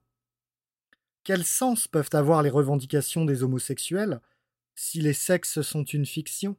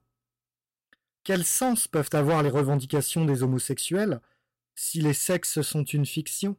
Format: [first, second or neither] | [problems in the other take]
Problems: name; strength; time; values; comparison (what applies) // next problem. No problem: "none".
first | distortion; slight; 7% of the sound clipped